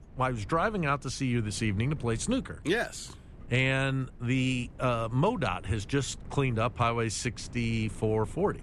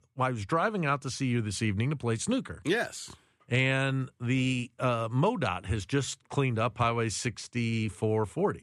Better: second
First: wind noise on the microphone; occasional gusts; 25 dB below the speech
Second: none

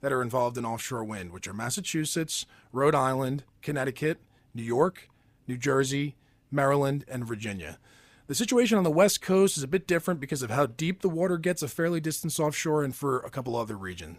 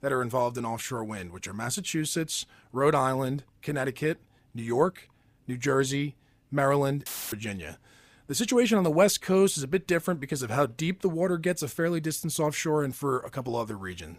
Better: first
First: none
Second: audio cutting out; filled with static; at 7 s

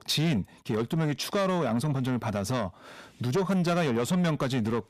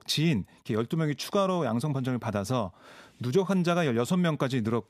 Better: second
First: distortion; slight; 10 dB below the speech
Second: none

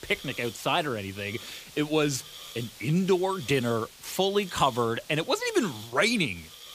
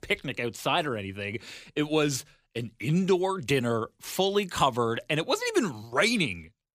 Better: second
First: hiss; noticeable; throughout; 15 dB below the speech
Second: none

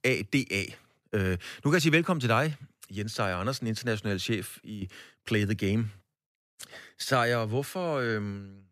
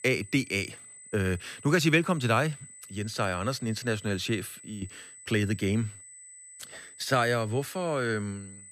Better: first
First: none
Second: high-pitched whine; noticeable; throughout; 8 kHz, 20 dB below the speech

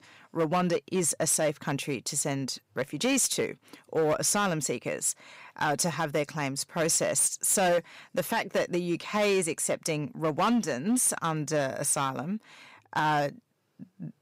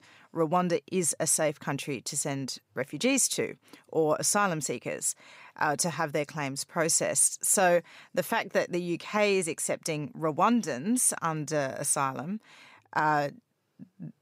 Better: second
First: distortion; slight; 7% of the sound clipped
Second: none

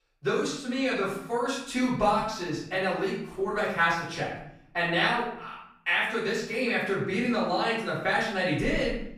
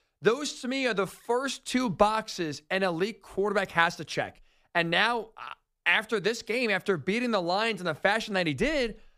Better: second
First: off-mic speech; far // room echo; noticeable; dies away in 0.6 s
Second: none

